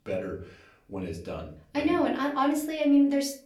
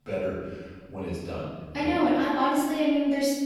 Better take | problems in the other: first | room echo; strong; dies away in 1.3 s; slight in the first // off-mic speech; far; far in the first

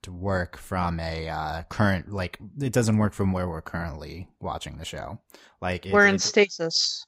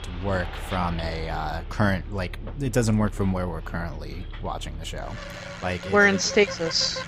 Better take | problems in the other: first | traffic noise; noticeable; throughout; 10 dB below the speech

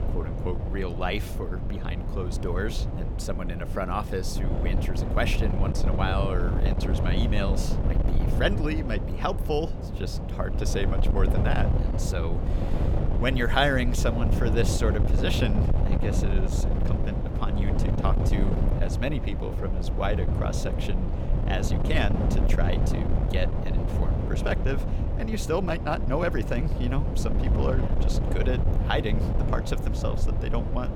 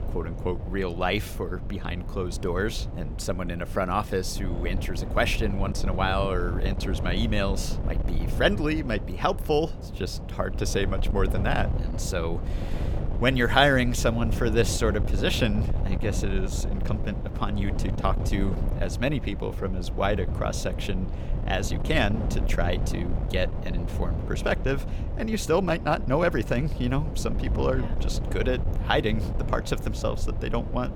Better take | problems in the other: second | wind noise on the microphone; heavy; 5 dB below the speech; occasional gusts in the second

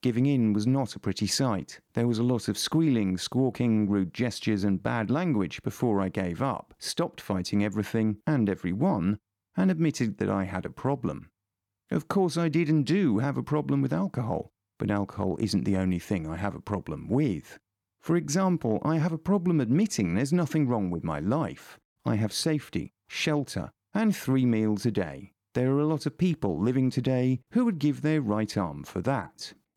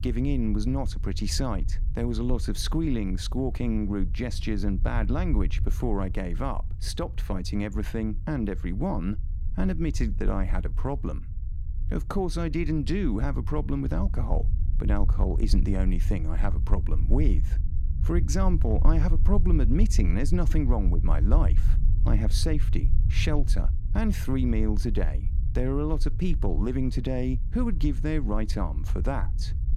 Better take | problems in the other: first | low rumble; noticeable; throughout; 15 dB below the speech

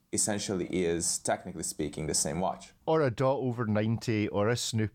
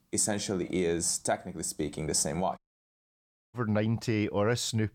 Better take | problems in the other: first | audio cutting out; at 2.5 s for 1 s

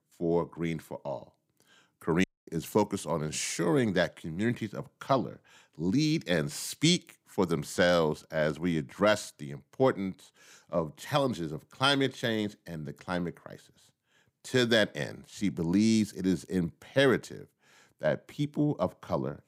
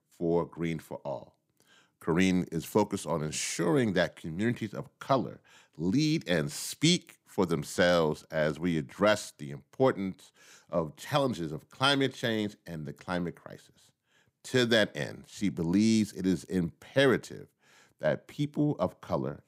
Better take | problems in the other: second | audio cutting out; at 2 s

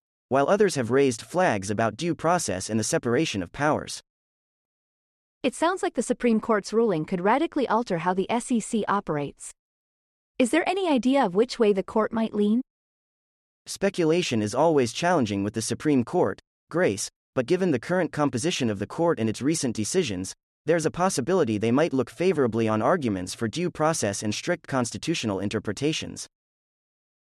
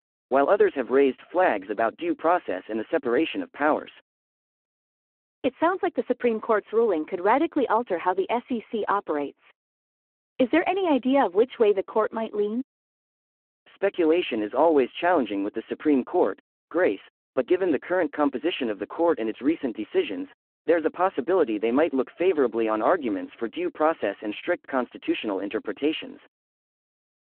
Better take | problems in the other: first | phone-call audio

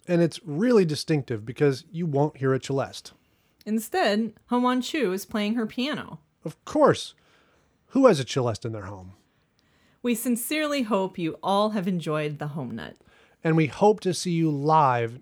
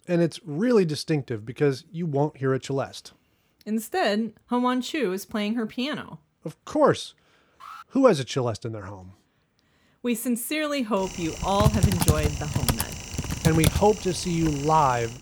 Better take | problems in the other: first | alarm; faint; at 7.5 s; peak 15 dB below the speech // keyboard typing; loud; from 11 to 15 s; peak 3 dB above the speech

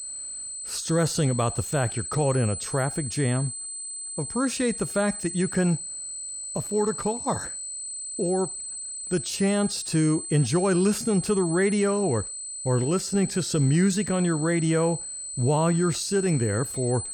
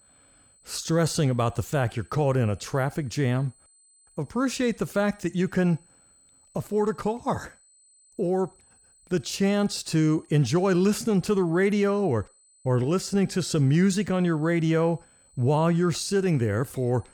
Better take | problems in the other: second | high-pitched whine; loud; throughout; 8 kHz, 7 dB below the speech; faint in the second

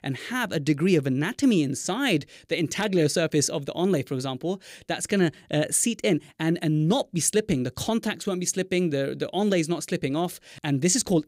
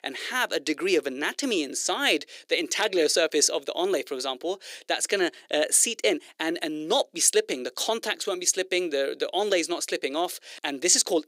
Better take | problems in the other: first | thin; very; fading below 350 Hz

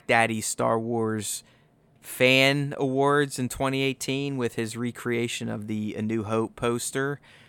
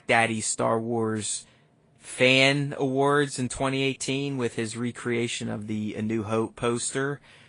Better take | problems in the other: first | garbled, watery; slightly; nothing above 10 kHz

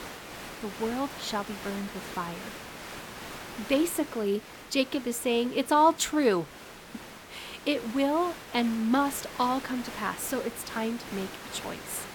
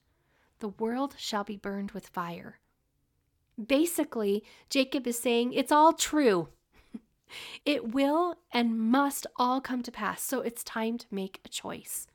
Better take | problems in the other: second | hiss; noticeable; throughout; 10 dB below the speech

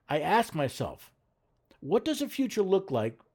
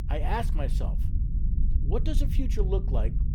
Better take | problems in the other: first | low rumble; noticeable; throughout; 10 dB below the speech

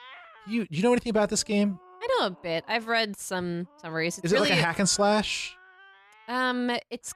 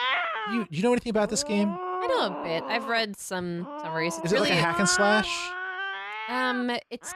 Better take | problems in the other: first | animal sounds; loud; throughout; 4 dB below the speech; faint in the first

